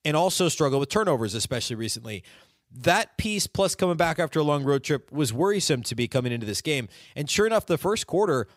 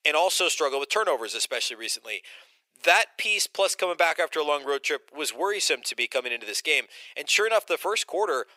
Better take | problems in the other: first | thin; very; fading below 450 Hz

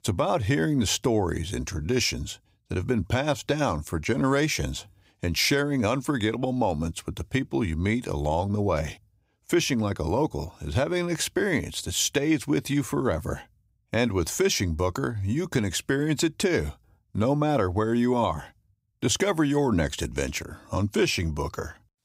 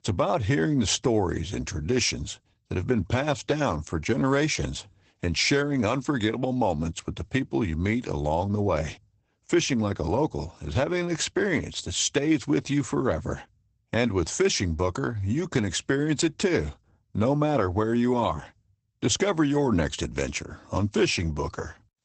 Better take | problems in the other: first | garbled, watery; badly; nothing above 8 kHz

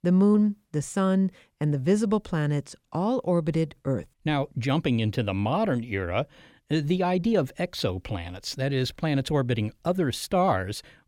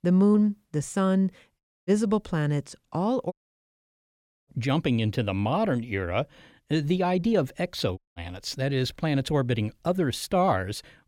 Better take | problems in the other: first | audio cutting out; at 1.5 s, at 3.5 s for 1 s and at 8 s

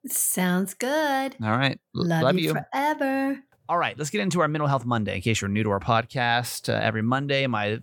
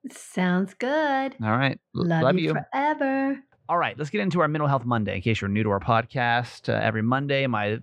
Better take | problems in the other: first | muffled; slightly; fading above 3 kHz

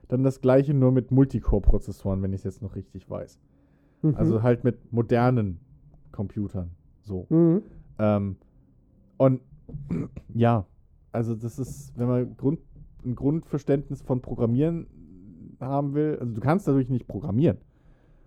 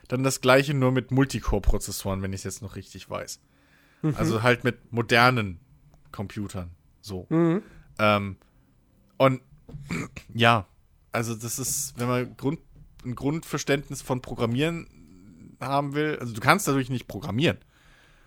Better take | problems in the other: second | muffled; very; fading above 1 kHz

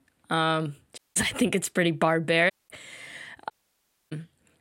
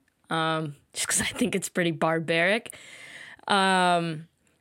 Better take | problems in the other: second | audio cutting out; at 1 s, at 2.5 s and at 3.5 s for 0.5 s

